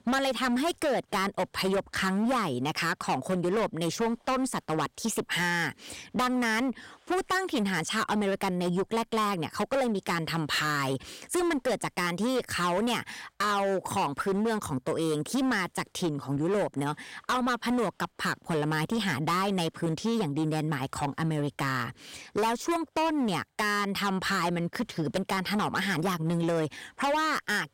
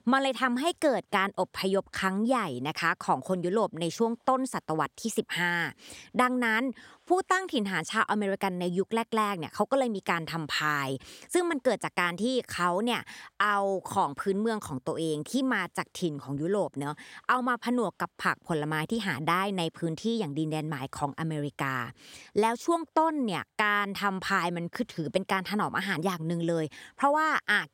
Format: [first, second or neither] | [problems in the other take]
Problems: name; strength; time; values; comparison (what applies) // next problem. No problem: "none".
second | distortion; heavy; 18% of the sound clipped